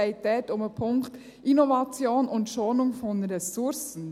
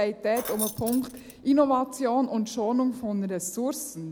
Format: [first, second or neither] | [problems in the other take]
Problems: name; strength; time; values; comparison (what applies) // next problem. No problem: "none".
first | background sound (Keys jangling); 11 dB below the speech